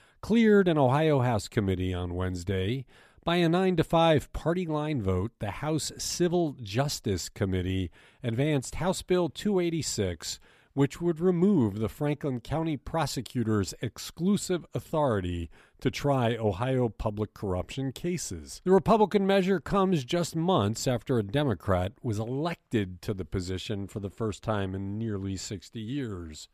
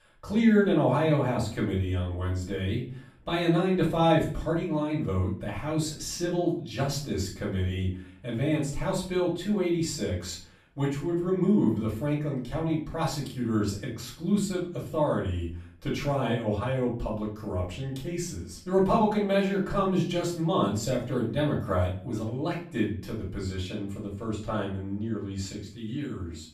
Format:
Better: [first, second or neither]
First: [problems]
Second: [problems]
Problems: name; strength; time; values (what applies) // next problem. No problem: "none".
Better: first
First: none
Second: off-mic speech; far // room echo; slight; dies away in 0.4 s